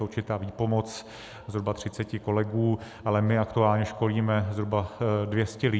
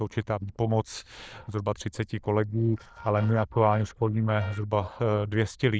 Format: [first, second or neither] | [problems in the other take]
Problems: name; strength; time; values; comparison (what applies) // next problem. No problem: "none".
first | noise reduction (neural diffusion model UNIVERSE++)